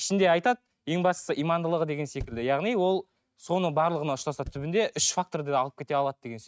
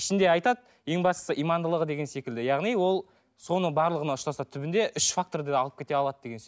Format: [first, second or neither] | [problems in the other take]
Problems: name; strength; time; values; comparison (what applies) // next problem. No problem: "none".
second | noise reduction (neural mask model RNNoise)